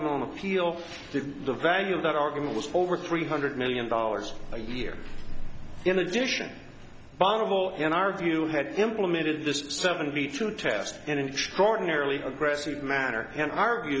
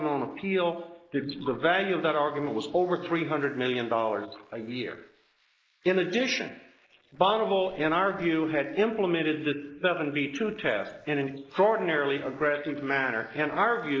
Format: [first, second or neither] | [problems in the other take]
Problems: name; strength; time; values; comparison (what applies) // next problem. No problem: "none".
first | noise reduction (neural mask model Resemble Enhance denoiser)